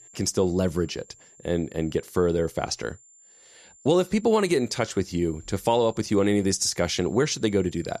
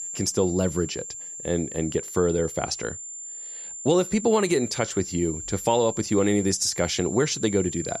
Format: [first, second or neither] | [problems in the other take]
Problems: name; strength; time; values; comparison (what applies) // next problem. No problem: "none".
first | high-pitched whine; loud; throughout; 7.5 kHz, 9 dB below the speech; faint in the first